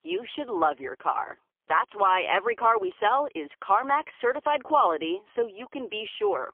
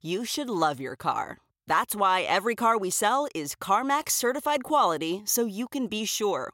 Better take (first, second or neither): second